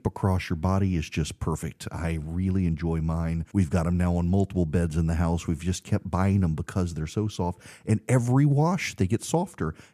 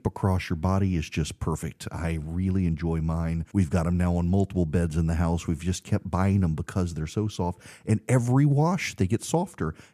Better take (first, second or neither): neither